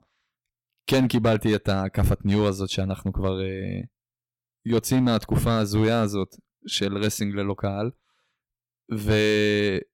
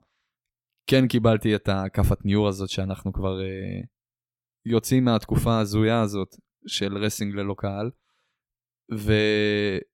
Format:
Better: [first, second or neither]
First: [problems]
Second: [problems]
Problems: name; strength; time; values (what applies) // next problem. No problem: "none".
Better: second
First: distortion; slight; 4% of the sound clipped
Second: none